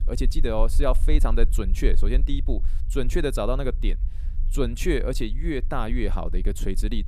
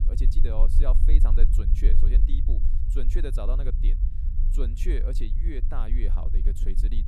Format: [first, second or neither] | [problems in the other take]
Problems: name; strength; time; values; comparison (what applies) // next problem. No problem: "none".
first | low rumble; loud; throughout; 7 dB below the speech; faint in the first